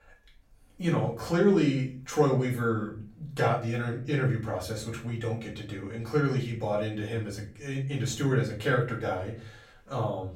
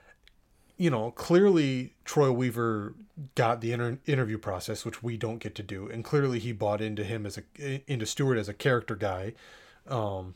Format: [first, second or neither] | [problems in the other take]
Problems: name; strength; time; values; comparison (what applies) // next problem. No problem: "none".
second | off-mic speech; far // room echo; slight; dies away in 0.3 s